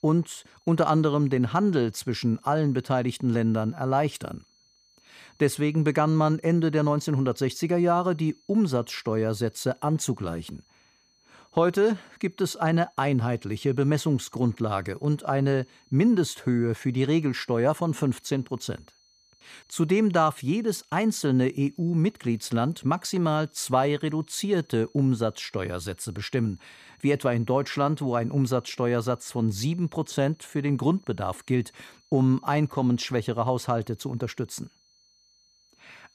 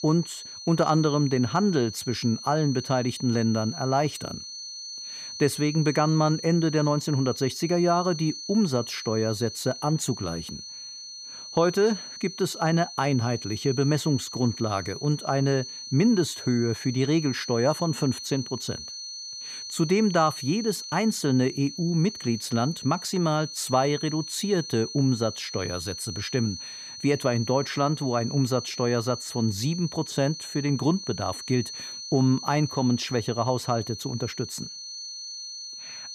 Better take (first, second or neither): first